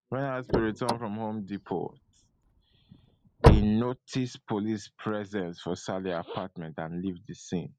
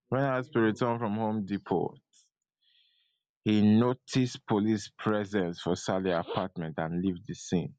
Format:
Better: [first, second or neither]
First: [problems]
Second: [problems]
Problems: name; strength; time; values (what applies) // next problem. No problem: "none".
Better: second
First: background sound (Slam / Car); 4 dB above the speech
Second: none